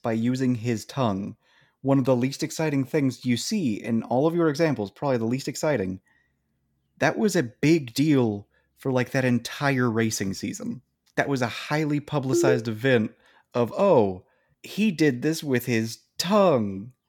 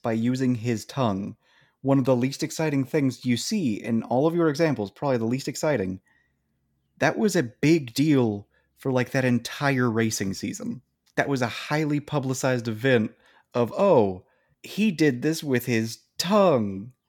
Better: second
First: phone ringing; loud; at 12 s; peak 1 dB above the speech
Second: none

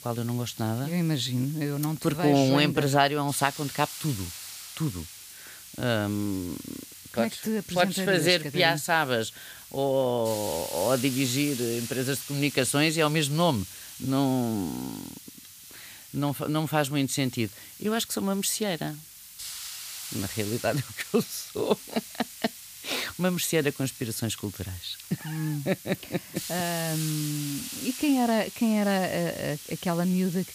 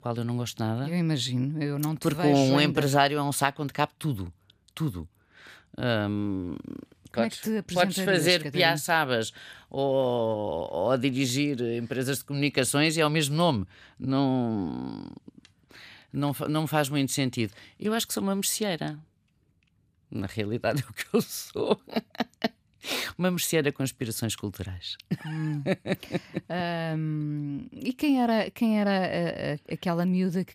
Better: second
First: hiss; noticeable; throughout; 10 dB below the speech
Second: none

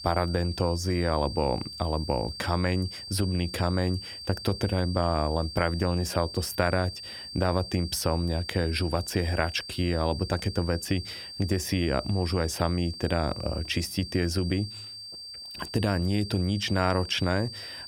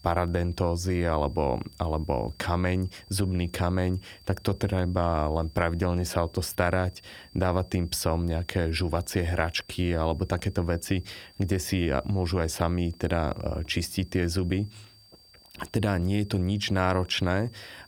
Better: second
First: high-pitched whine; loud; throughout; 4.5 kHz, 10 dB below the speech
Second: high-pitched whine; faint; throughout; 4.5 kHz, 25 dB below the speech

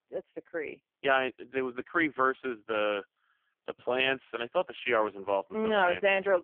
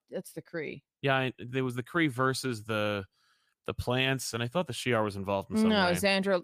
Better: second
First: phone-call audio; poor line; nothing above 3 kHz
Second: none

